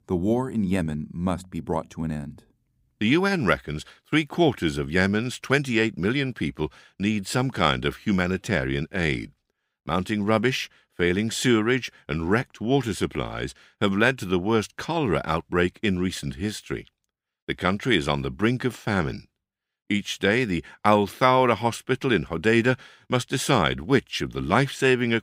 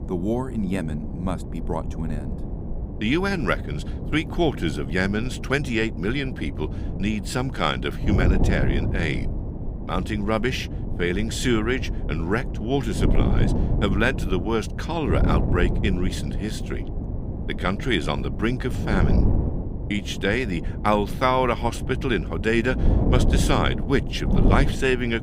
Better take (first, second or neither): first